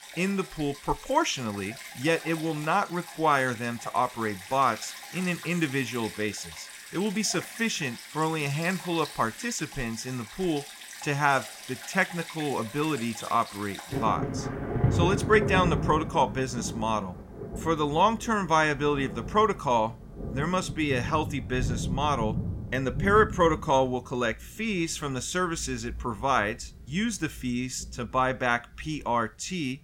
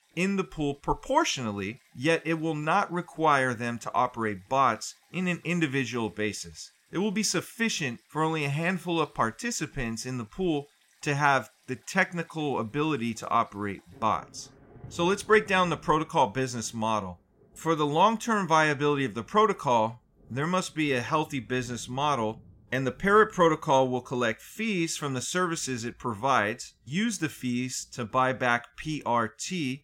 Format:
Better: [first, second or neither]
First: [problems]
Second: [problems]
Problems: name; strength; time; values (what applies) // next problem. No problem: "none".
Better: second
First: rain or running water; loud; throughout; 8 dB below the speech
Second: rain or running water; faint; throughout; 30 dB below the speech